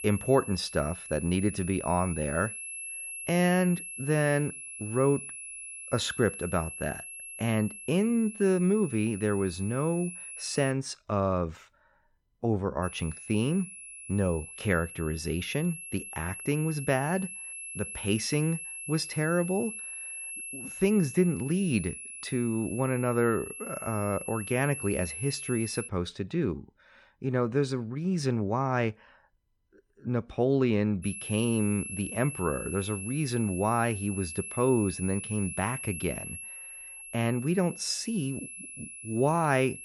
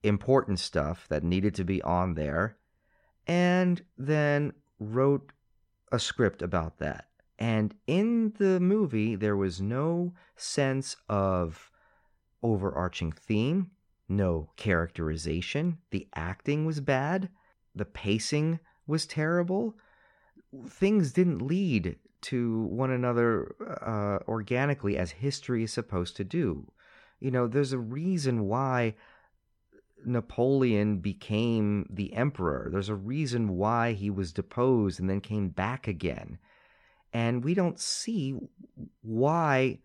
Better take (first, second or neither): second